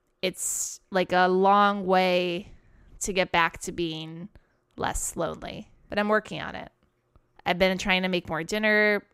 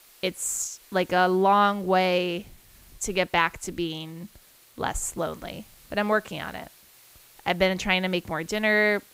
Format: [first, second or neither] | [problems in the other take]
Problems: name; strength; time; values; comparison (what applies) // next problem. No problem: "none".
first | hiss; faint; throughout; 25 dB below the speech